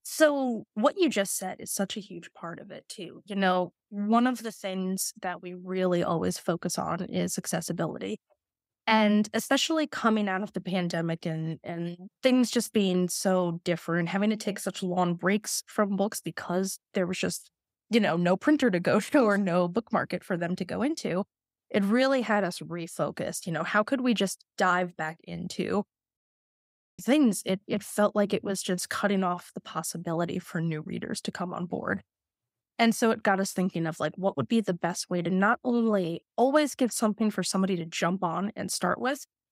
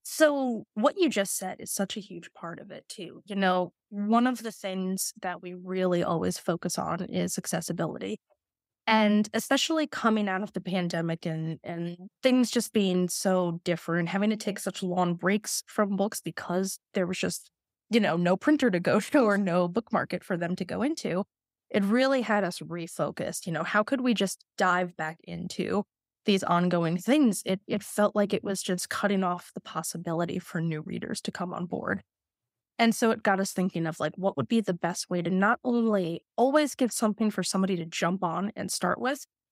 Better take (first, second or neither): second